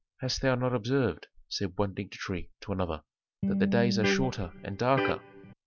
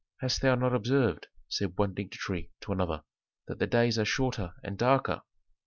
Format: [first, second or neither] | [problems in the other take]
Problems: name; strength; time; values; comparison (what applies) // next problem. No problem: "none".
second | background sound (Electric guitar); as loud as the speech